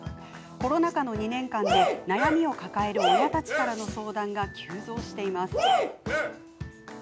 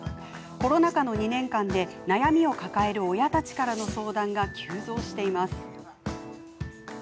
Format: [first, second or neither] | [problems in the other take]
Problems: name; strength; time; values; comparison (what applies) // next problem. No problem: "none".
second | background sound (Cheering); 3 dB above the speech